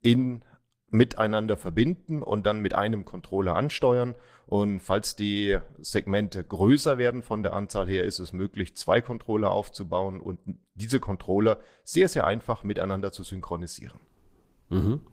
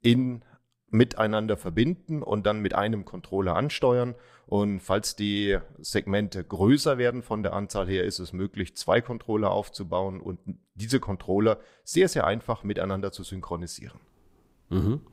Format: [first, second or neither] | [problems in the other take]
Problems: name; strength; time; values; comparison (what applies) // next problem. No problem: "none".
second | garbled, watery; slightly; nothing above 15.5 kHz